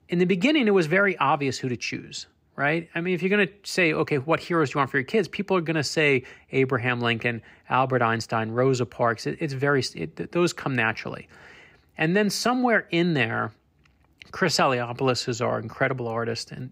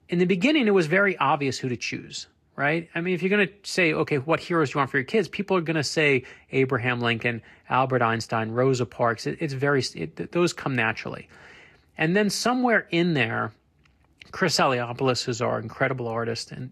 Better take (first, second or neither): first